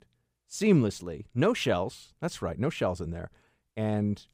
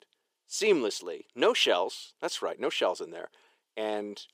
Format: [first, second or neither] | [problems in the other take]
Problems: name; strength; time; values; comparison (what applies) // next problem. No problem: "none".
first | thin; very; fading below 350 Hz